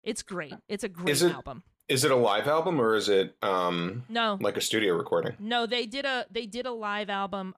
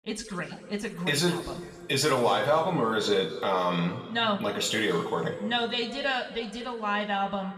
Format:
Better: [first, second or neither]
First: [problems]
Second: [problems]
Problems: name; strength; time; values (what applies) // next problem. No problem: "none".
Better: first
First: none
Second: room echo; slight; dies away in 1.8 s // off-mic speech; somewhat distant